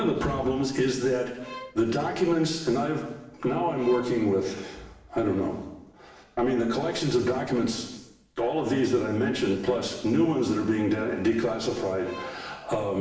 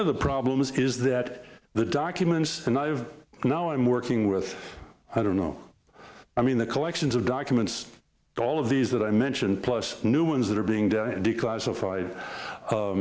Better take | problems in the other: second | background sound (Bowed string instrument); 18 dB below the speech // room echo; dies away in 0.9 s

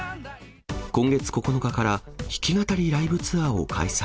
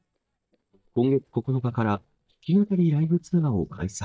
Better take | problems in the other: first | noise reduction (neural mask model DeepFilterNet 3)

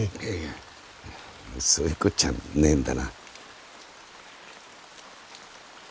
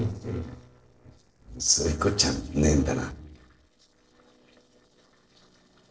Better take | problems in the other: first | noise reduction (neural separator model SepFormer DNS4)

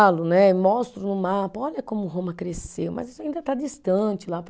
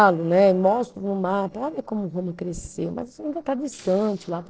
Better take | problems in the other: first | noise reduction (neural separator model SepFormer DNS4)

